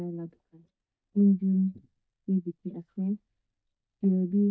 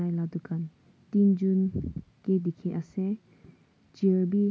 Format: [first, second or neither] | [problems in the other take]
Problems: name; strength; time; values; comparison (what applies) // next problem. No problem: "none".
second | noise reduction (neural mask model DeepFilterNet 3)